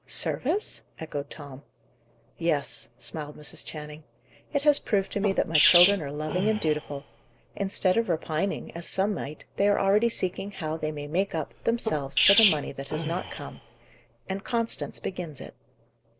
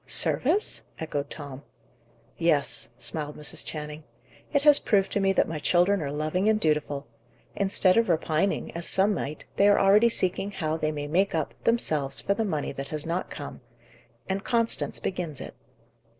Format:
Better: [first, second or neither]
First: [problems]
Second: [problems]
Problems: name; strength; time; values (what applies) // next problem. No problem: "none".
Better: second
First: background sound (Sneeze); 2 dB below the speech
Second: none